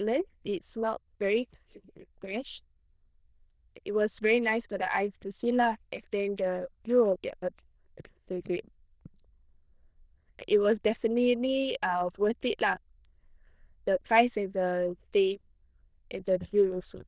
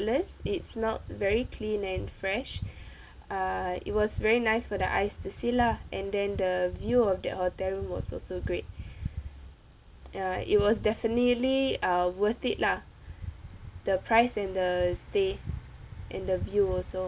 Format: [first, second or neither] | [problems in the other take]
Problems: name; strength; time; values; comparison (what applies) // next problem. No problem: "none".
second | noise reduction (neural diffusion model UNIVERSE++)